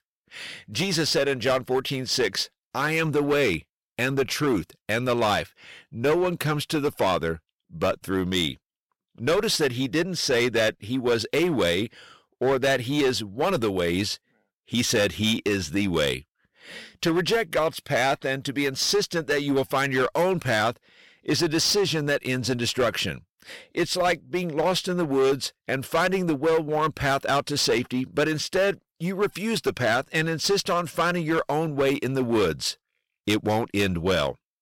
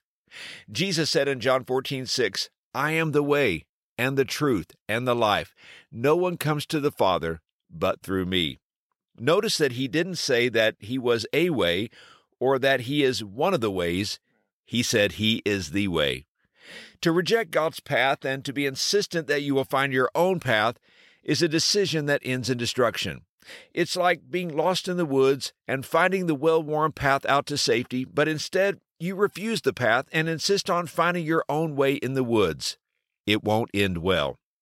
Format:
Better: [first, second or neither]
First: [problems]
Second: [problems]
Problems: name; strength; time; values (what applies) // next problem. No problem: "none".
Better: second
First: distortion; slight; 9% of the sound clipped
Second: none